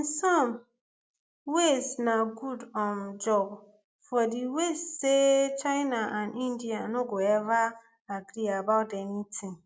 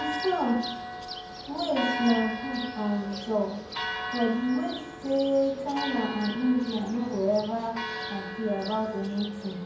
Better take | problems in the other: first | background sound (Church bell); 7 dB below the speech // room echo; dies away in 0.9 s

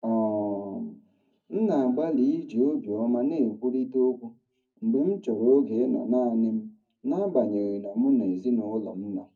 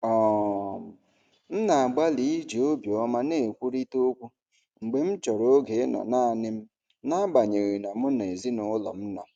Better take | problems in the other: second | room echo; dies away in 0.4 s

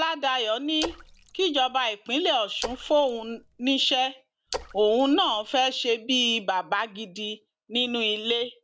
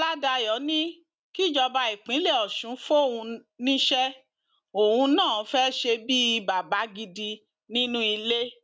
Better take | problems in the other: second | background sound (Splash, splatter); 14 dB below the speech

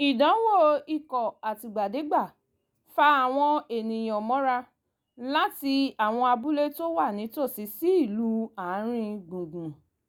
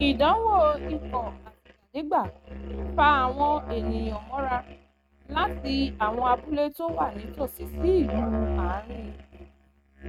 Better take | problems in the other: first | noise reduction (neural mask model RNNoise)

